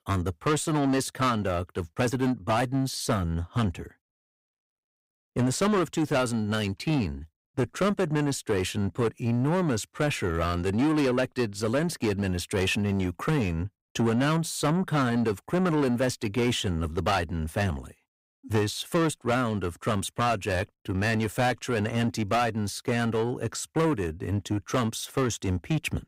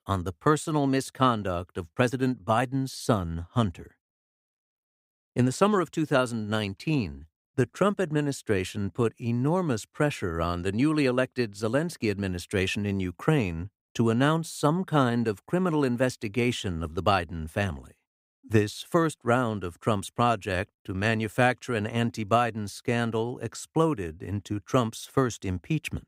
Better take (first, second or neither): second